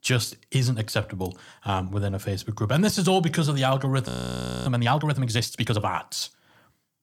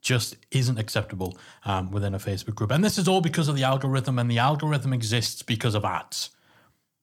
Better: second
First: audio freezing; at 4 s for 0.5 s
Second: none

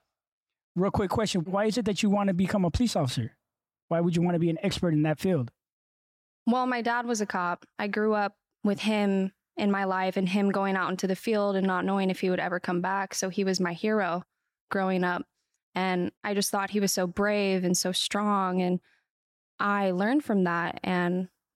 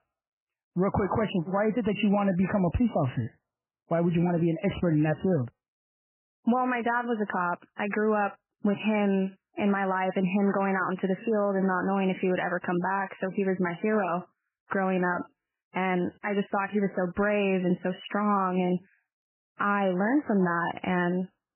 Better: first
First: none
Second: garbled, watery; badly; nothing above 3 kHz

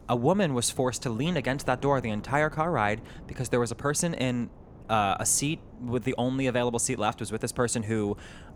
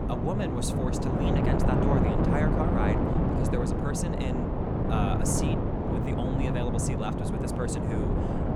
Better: first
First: wind noise on the microphone; occasional gusts; 25 dB below the speech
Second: wind noise on the microphone; heavy; 3 dB above the speech

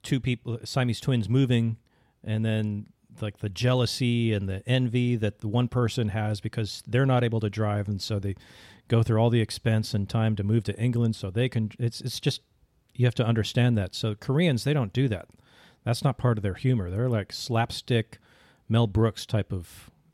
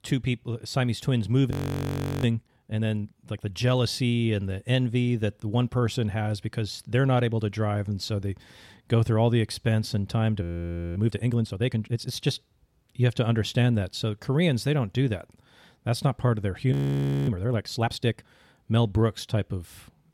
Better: first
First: none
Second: audio freezing; at 1.5 s for 0.5 s, at 10 s for 0.5 s and at 17 s for 0.5 s

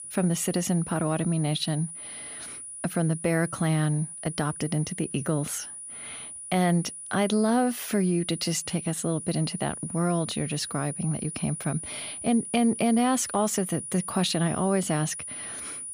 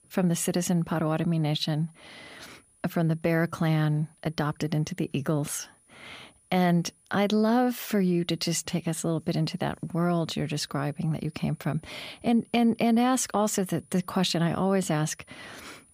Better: second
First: high-pitched whine; loud; throughout; 9.5 kHz, 9 dB below the speech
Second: high-pitched whine; faint; throughout; 9.5 kHz, 30 dB below the speech

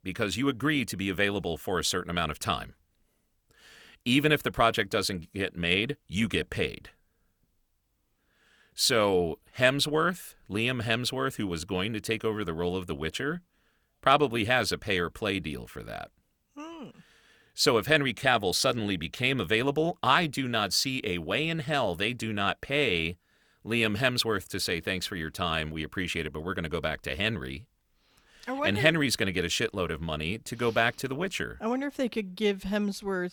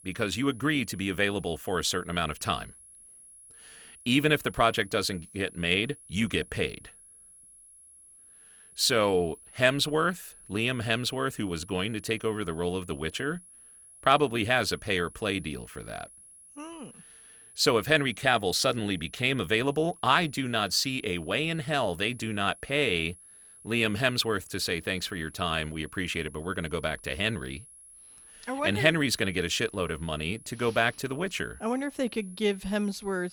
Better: first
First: none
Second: high-pitched whine; faint; throughout; 10.5 kHz, 20 dB below the speech

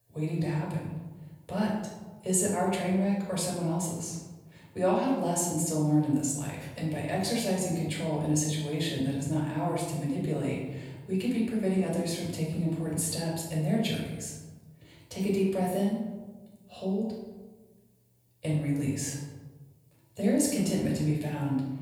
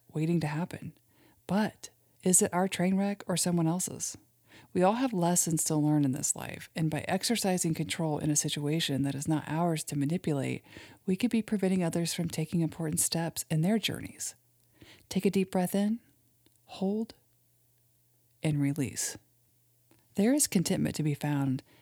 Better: second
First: off-mic speech; far // room echo; noticeable; dies away in 1.1 s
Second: none

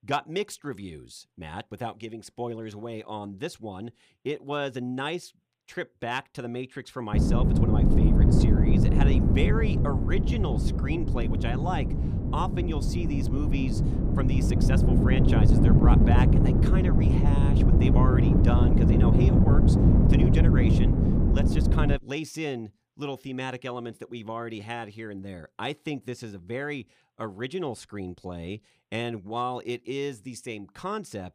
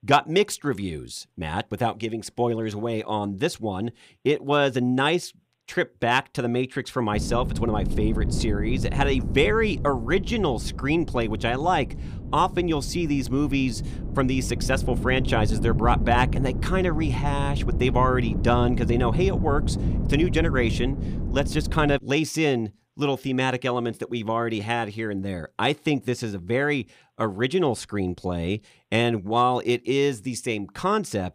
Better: second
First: wind noise on the microphone; heavy; from 7 to 22 s; 2 dB above the speech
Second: wind noise on the microphone; occasional gusts; from 7 to 22 s; 15 dB below the speech

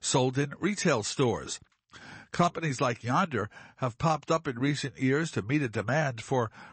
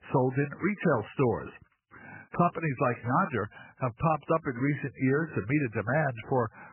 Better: first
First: garbled, watery; slightly; nothing above 8 kHz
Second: garbled, watery; badly; nothing above 2.5 kHz

